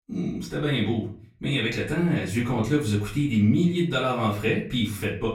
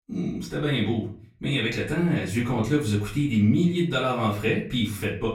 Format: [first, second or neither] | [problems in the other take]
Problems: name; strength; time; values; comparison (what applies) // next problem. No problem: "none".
neither | off-mic speech; far; the same in both // room echo; slight; dies away in 0.4 s; the same in both